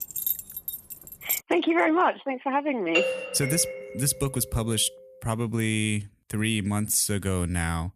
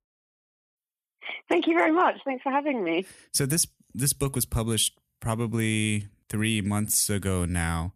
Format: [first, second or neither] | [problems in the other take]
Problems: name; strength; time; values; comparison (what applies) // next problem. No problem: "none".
second | jangling keys; noticeable; until 1.5 s; peak 1 dB below the speech // doorbell; loud; at 3 s; peak 1 dB above the speech